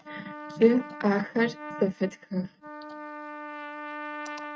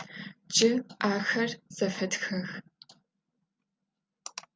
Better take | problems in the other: second | noise reduction (neural mask model RNNoise)

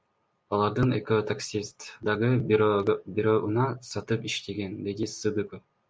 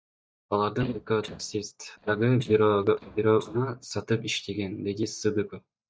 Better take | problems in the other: first | noise reduction (neural mask model DeepFilterNet 3)

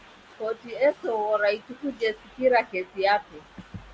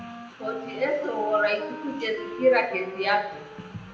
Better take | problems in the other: first | background sound (Wind instrument, woodwind instrument); 13 dB below the speech // room echo; dies away in 0.7 s

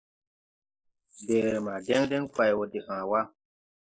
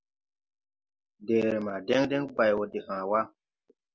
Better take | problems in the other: second | noise reduction (neural mask model Resemble Enhance denoiser)

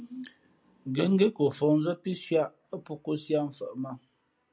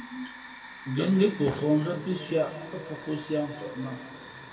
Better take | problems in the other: first | background sound (Hiss / Fire); 15 dB below the speech // room echo; dies away in 2 s

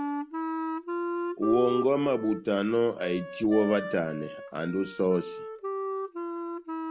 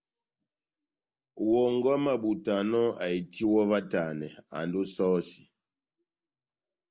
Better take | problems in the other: second | background sound (Wind instrument, woodwind instrument); 6 dB below the speech

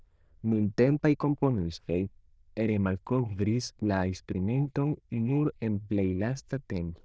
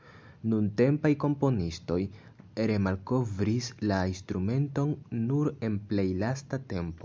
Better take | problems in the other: second | noise reduction (neural diffusion model UNIVERSE++)

